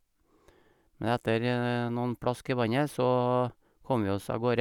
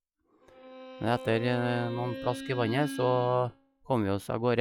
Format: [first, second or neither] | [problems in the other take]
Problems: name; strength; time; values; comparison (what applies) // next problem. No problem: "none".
first | noise reduction (classical method log-MMSE)